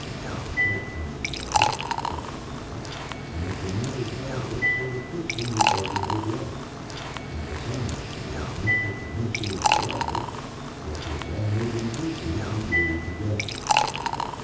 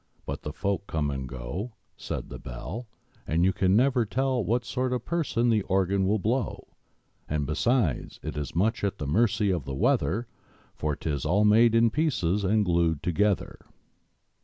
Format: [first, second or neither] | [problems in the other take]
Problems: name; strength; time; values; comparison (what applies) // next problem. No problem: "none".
second | background sound (Liquid); 3 dB above the speech // room echo; dies away in 0.6 s